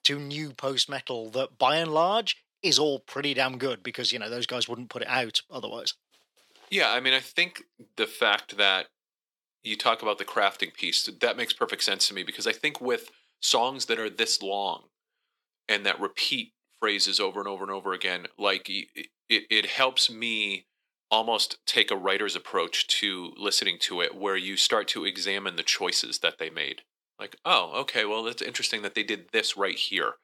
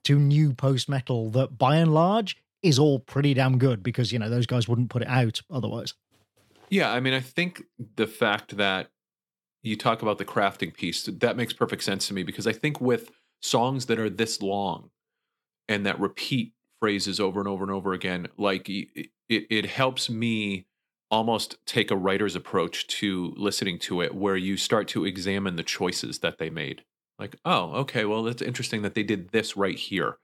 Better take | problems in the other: second | thin; somewhat; fading below 450 Hz

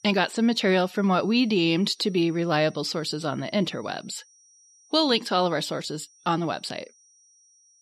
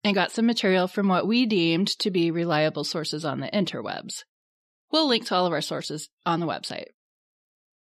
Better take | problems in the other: second | high-pitched whine; faint; throughout; 5.5 kHz, 30 dB below the speech

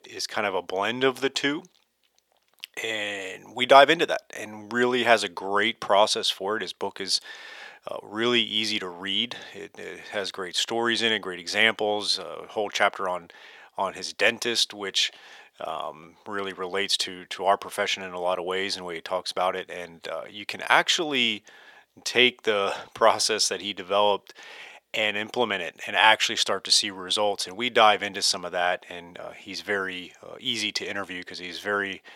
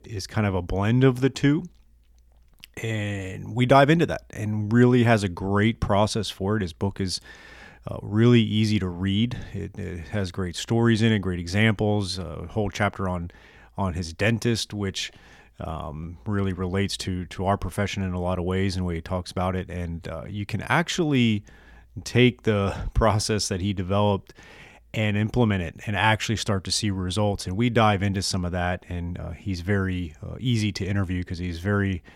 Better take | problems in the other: second | thin; very; fading below 550 Hz

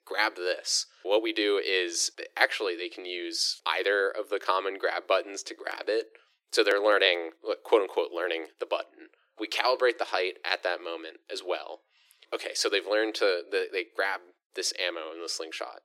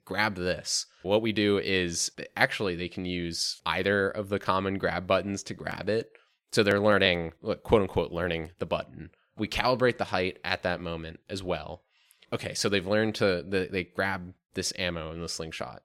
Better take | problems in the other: second | thin; very; fading below 350 Hz

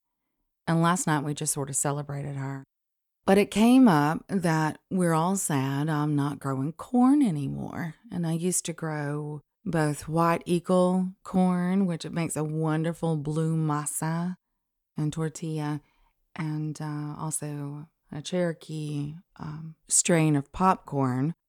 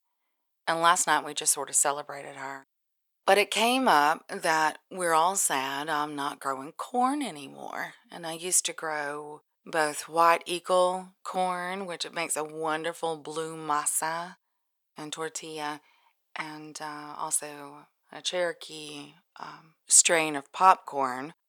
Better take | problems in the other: first | thin; very; fading below 700 Hz

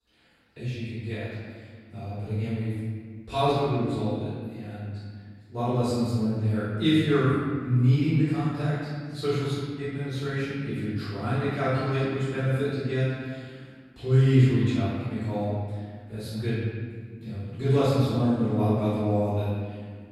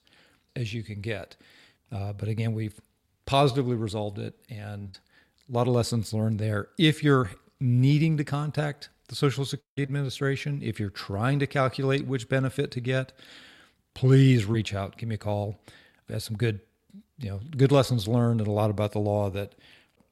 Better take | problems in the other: second | off-mic speech; far // room echo; strong; dies away in 1.8 s

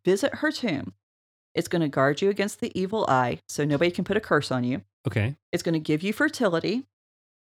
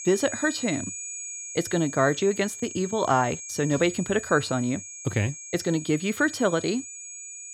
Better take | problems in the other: first | high-pitched whine; loud; throughout; 7 kHz, 10 dB below the speech

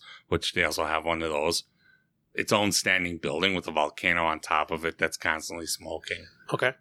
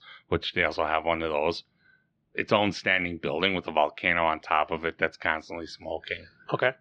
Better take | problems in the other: first | muffled; slightly; fading above 4 kHz

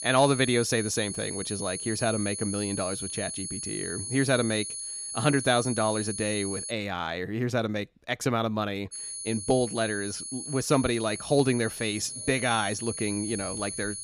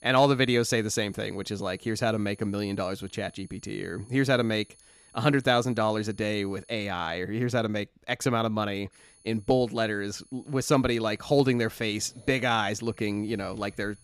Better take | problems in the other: second | high-pitched whine; loud; until 6.5 s and from 9 s on; 10 kHz, 6 dB below the speech; faint in the second

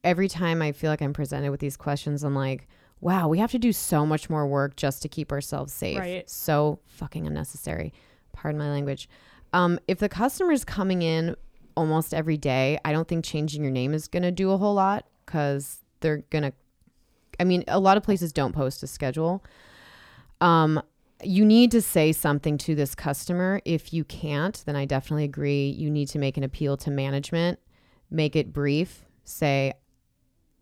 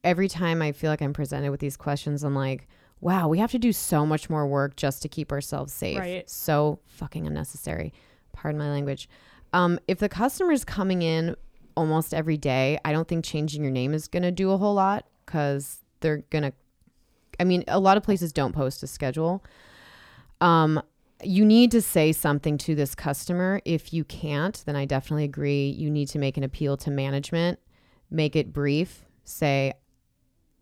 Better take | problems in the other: neither | none

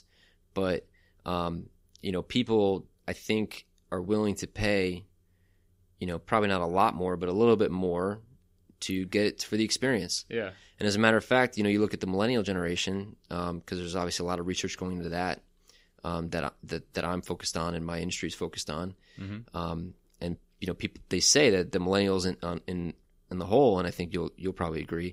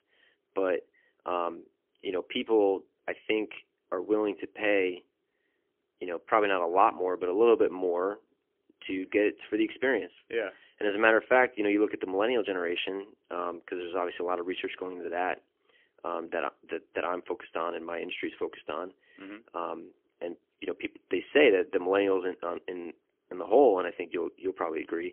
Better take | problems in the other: first | phone-call audio; poor line; nothing above 3 kHz

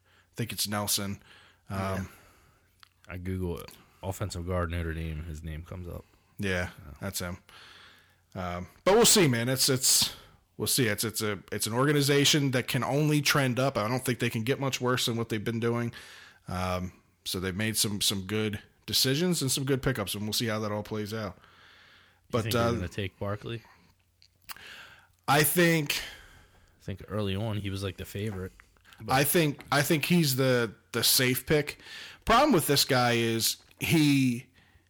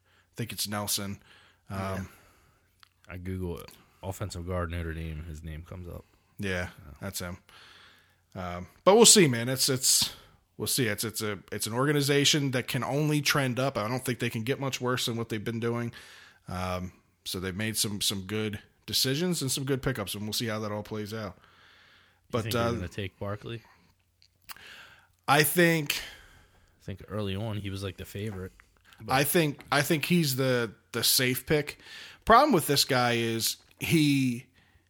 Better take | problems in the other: second | distortion; slight; 2% of the sound clipped

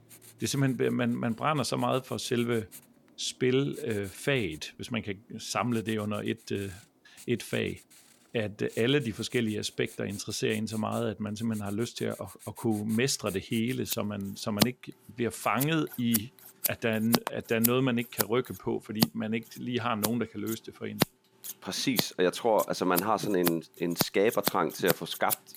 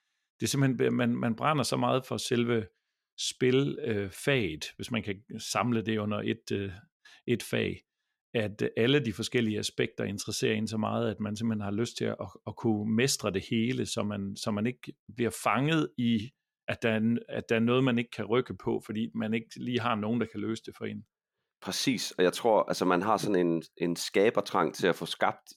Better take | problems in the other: second | household noises; loud; throughout; 3 dB below the speech

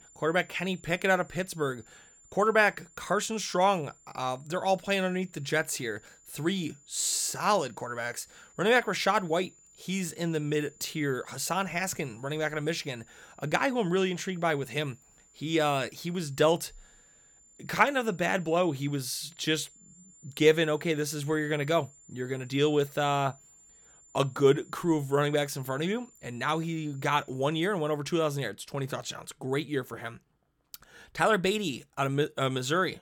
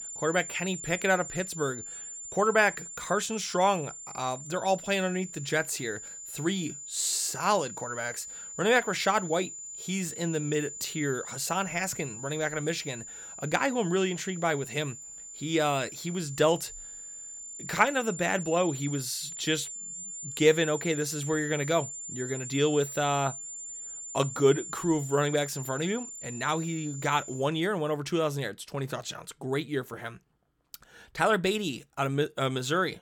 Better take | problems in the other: first | high-pitched whine; loud; until 27 s; 7 kHz, 10 dB below the speech; faint in the first

